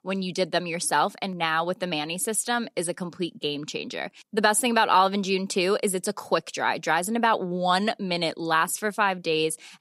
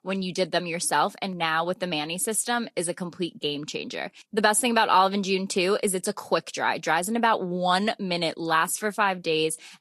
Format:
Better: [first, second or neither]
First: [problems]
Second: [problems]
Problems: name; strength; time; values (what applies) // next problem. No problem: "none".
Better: first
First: none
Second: garbled, watery; slightly; nothing above 11.5 kHz